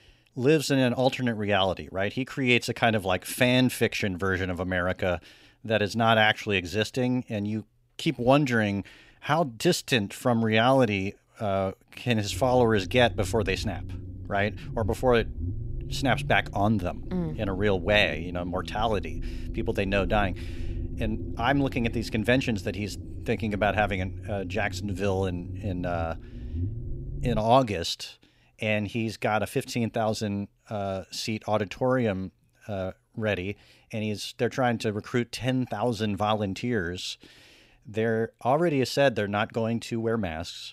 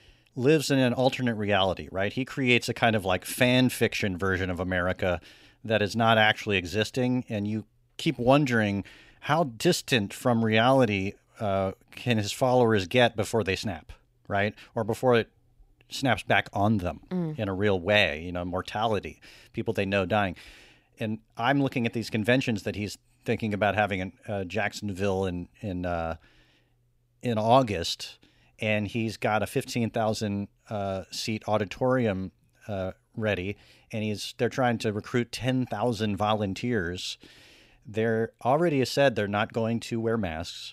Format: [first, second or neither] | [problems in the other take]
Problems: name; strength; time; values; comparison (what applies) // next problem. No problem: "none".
second | low rumble; faint; from 12 to 27 s; 20 dB below the speech